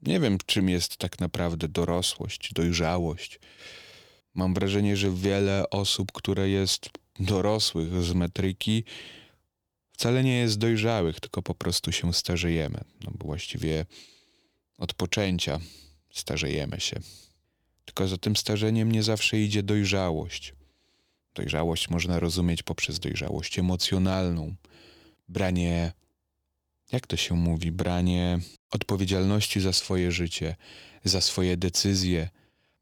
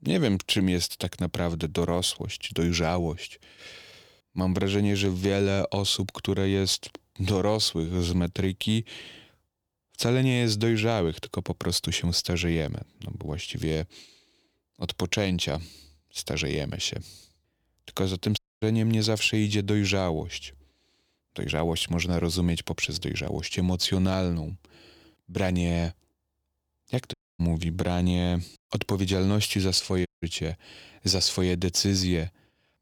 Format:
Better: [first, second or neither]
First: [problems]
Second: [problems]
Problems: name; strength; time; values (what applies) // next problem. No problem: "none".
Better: first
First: none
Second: audio cutting out; at 18 s, at 27 s and at 30 s